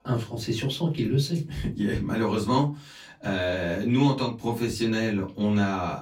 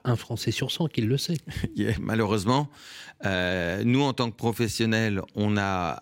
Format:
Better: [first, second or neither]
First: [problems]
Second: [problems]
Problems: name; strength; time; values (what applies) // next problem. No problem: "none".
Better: second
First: off-mic speech; far // room echo; very slight; dies away in 0.2 s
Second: none